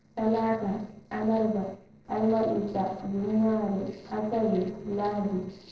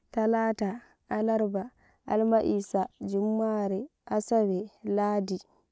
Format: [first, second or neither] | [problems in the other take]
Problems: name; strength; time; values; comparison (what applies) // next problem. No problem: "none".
second | noise reduction (neural separator model SepFormer DNS4)